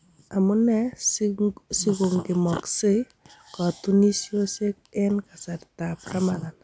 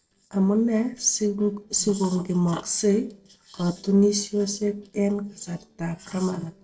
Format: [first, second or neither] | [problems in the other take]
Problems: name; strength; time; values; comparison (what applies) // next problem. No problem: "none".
first | noise reduction (neural separator model SepFormer DNS4)